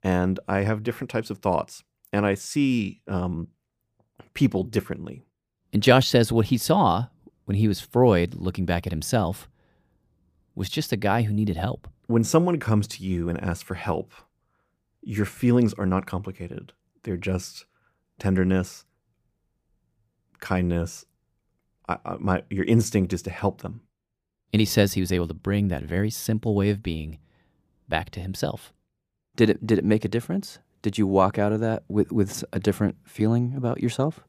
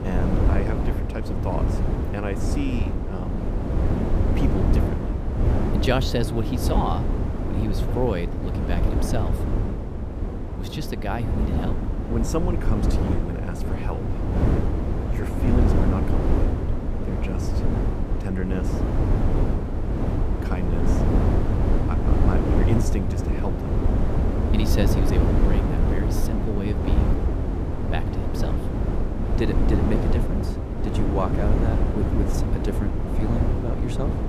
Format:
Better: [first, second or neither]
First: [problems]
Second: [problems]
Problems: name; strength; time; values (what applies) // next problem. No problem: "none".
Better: first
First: none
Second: wind noise on the microphone; heavy; 1 dB above the speech